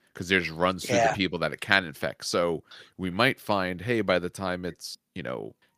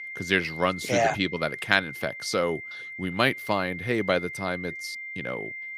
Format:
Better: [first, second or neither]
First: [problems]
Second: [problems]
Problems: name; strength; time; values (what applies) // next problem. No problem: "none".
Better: first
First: none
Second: high-pitched whine; loud; throughout; 2 kHz, 9 dB below the speech